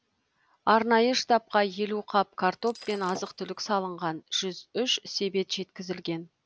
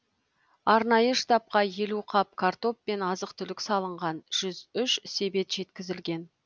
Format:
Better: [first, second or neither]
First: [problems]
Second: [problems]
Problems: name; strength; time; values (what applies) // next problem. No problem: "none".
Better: second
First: background sound (Shatter); 17 dB below the speech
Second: none